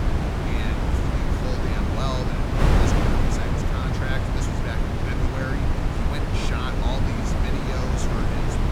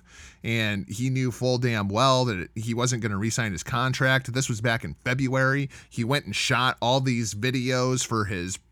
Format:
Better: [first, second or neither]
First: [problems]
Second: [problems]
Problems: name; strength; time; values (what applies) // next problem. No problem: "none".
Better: second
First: wind noise on the microphone; heavy; 5 dB above the speech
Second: none